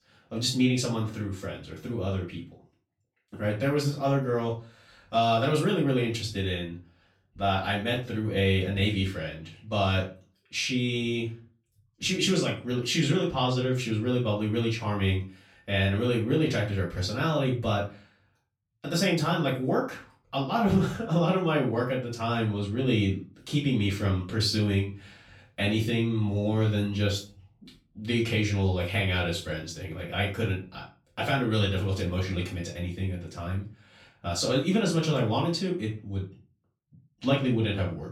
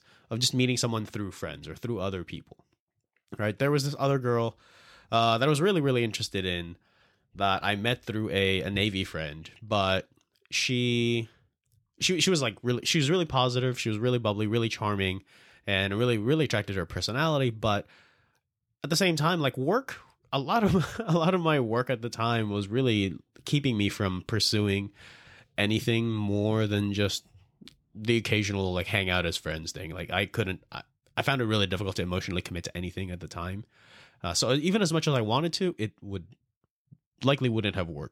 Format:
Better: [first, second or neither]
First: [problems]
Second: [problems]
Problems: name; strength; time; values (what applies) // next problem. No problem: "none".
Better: second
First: off-mic speech; far // room echo; slight; dies away in 0.3 s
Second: none